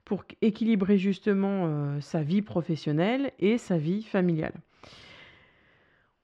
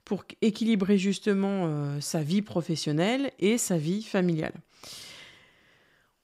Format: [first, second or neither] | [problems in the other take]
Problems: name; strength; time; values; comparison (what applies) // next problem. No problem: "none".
second | muffled; slightly; fading above 2.5 kHz